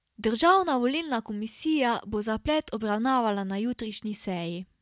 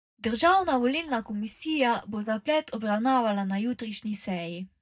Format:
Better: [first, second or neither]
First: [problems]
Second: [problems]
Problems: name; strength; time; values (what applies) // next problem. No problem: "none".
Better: first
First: none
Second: noise reduction (neural mask model DeepFilterNet 3)